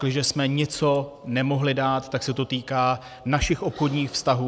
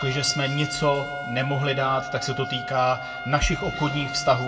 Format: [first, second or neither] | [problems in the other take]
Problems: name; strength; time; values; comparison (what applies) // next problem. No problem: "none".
first | background sound (Trumpet); 8 dB below the speech // room echo; dies away in 1.5 s